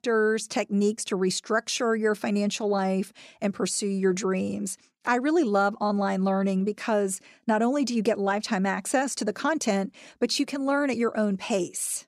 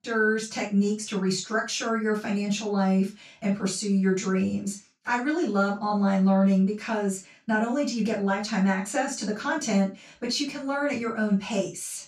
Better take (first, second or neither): first